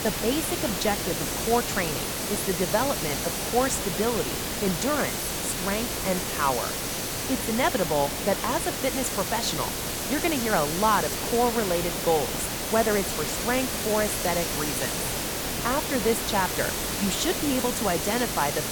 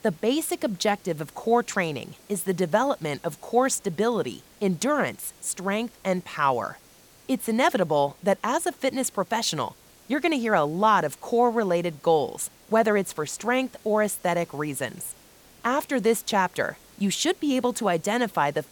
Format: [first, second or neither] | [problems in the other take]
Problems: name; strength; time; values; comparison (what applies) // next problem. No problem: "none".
second | hiss; loud; throughout; as loud as the speech; faint in the second